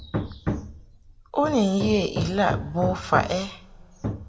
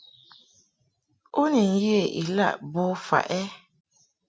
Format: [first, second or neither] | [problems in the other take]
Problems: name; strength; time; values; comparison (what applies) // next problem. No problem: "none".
second | background sound (Hammer); 5 dB below the speech // room echo; dies away in 1.7 s